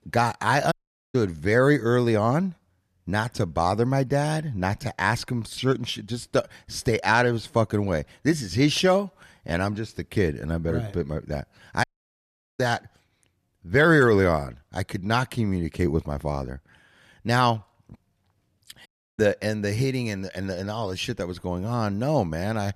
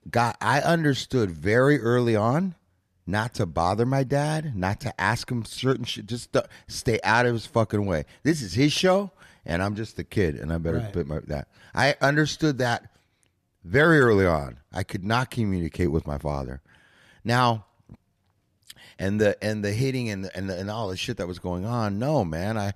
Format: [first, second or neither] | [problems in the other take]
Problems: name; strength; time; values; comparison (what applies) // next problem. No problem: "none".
second | audio cutting out; at 0.5 s, at 12 s for 1 s and at 19 s